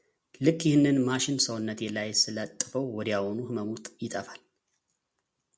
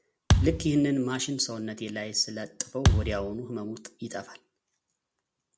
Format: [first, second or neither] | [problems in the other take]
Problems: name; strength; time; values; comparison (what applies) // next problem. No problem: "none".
first | background sound (Thump, thud); 4 dB above the speech